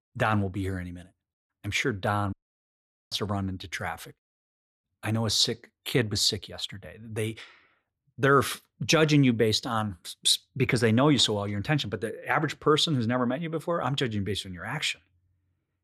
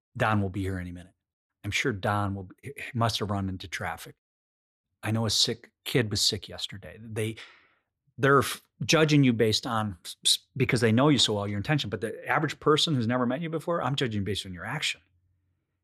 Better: second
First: audio cutting out; at 2.5 s for 1 s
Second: none

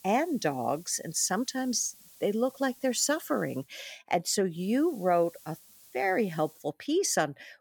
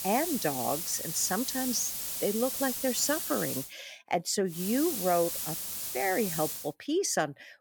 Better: first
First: hiss; faint; until 3.5 s and from 4.5 to 6.5 s; 25 dB below the speech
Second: hiss; loud; until 3.5 s and from 4.5 to 6.5 s; 2 dB below the speech

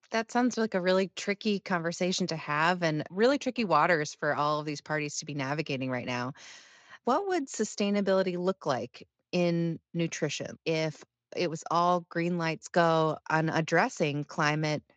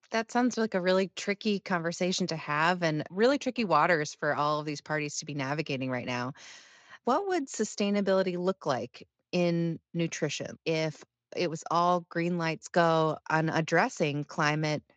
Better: neither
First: garbled, watery; slightly; nothing above 7.5 kHz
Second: garbled, watery; slightly; nothing above 7.5 kHz

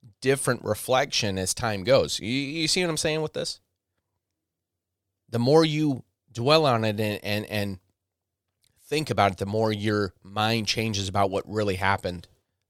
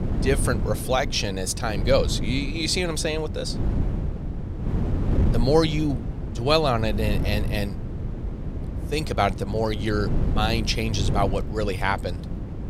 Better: first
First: none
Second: wind noise on the microphone; occasional gusts; 10 dB below the speech

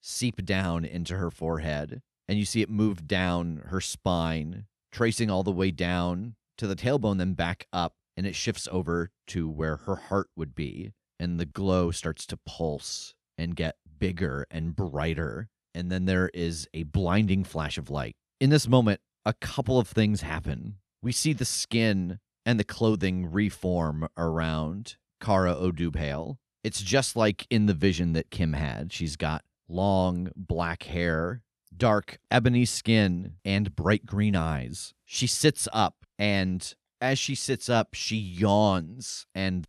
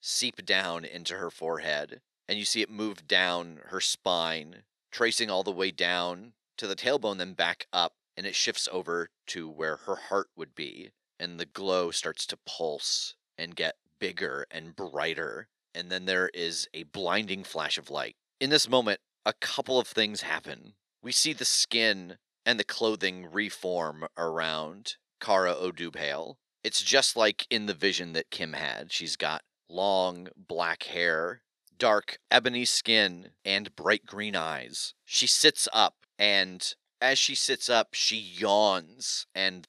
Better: first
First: none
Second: thin; very; fading below 450 Hz

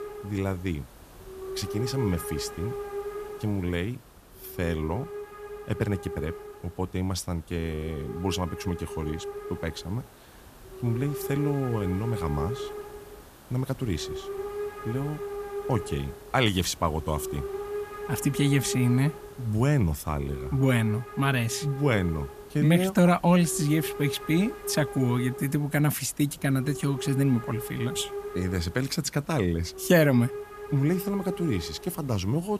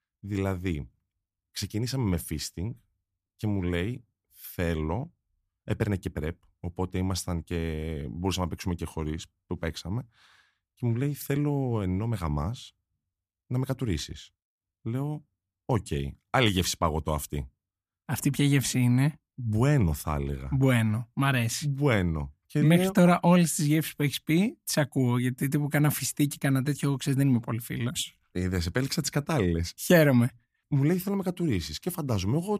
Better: second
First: hiss; loud; throughout; 10 dB below the speech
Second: none

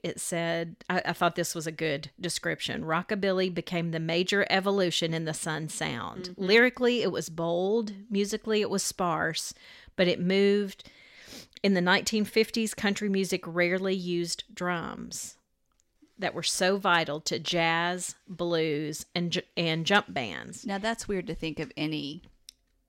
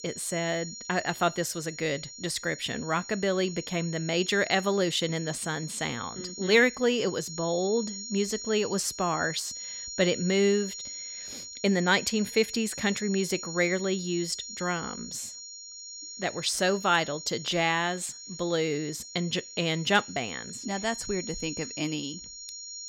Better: first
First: none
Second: high-pitched whine; noticeable; throughout; 7 kHz, 10 dB below the speech

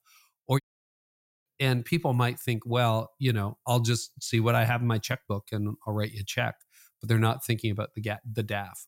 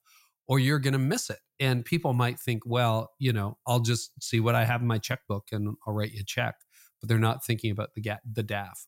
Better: second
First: audio cutting out; at 0.5 s for 1 s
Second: none

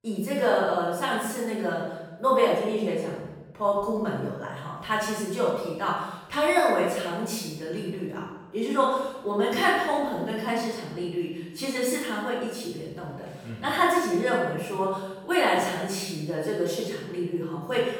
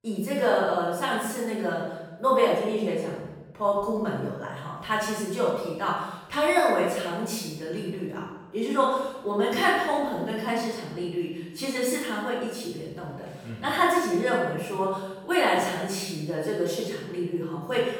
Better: neither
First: room echo; noticeable; dies away in 0.9 s // off-mic speech; far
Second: room echo; noticeable; dies away in 0.9 s // off-mic speech; far

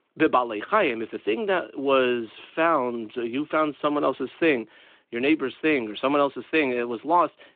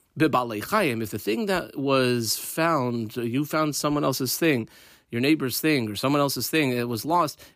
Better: second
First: phone-call audio; nothing above 3.5 kHz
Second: none

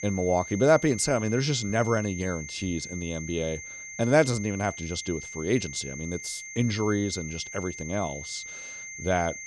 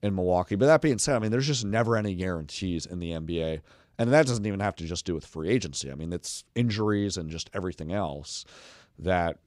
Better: second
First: high-pitched whine; noticeable; throughout; 2 kHz, 10 dB below the speech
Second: none

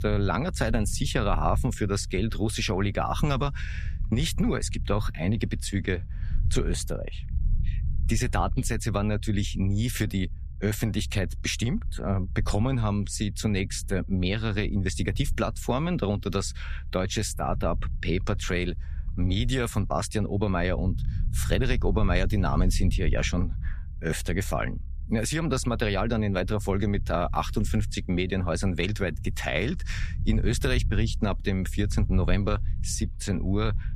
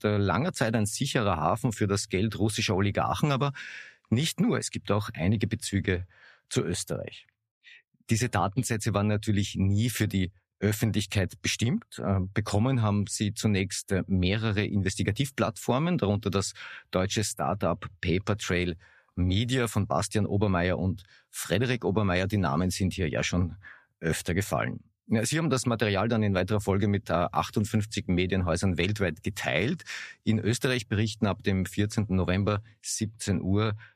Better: second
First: low rumble; faint; throughout; 20 dB below the speech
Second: none

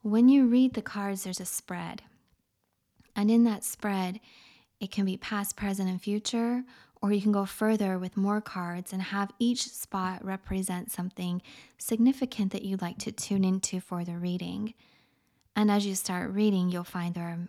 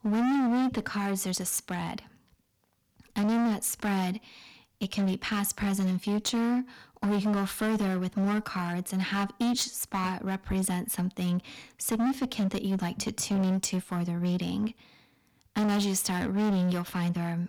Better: first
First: none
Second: distortion; heavy; 17% of the sound clipped

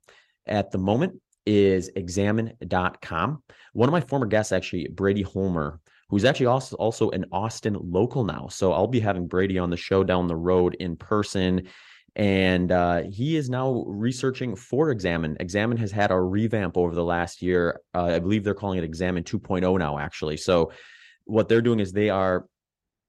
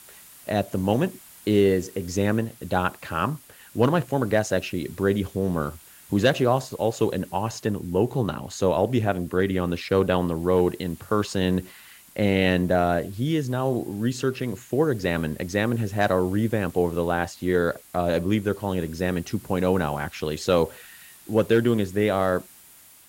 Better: first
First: none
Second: hiss; faint; throughout; 25 dB below the speech

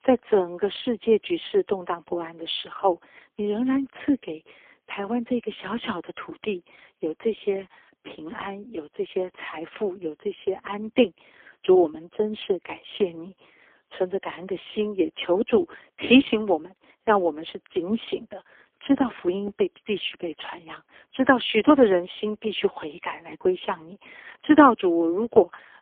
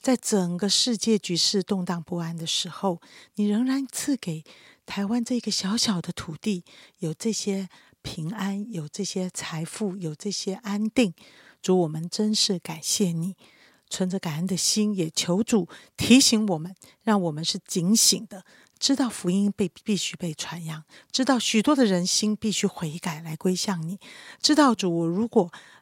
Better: second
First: phone-call audio; poor line; nothing above 3.5 kHz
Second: none

